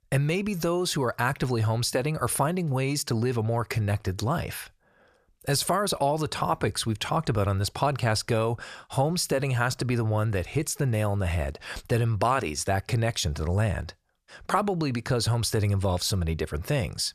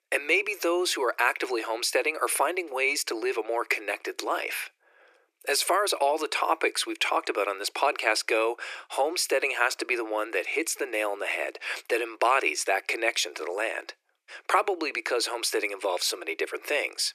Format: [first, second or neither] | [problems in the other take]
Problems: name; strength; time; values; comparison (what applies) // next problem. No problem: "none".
first | thin; very; fading below 350 Hz